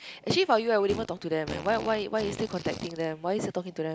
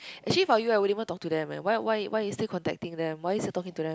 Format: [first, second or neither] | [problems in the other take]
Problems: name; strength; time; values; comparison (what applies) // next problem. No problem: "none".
second | background sound (Fart); 13 dB below the speech